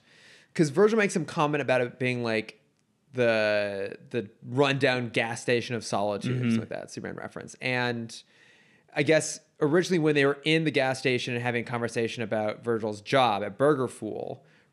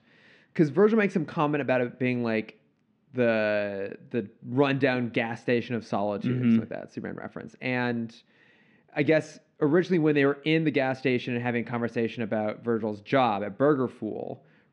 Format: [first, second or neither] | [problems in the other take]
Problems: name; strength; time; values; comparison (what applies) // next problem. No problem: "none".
first | muffled; slightly; fading above 3 kHz